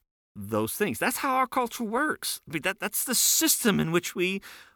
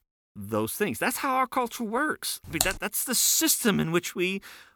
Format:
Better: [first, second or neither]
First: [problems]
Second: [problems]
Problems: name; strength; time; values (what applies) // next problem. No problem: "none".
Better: first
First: none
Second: keyboard typing; noticeable; at 2.5 s; peak 3 dB below the speech